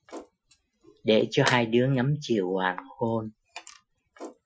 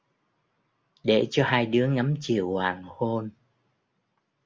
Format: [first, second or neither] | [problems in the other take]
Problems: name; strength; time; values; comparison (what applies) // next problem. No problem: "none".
second | noise reduction (classical method Wiener filter)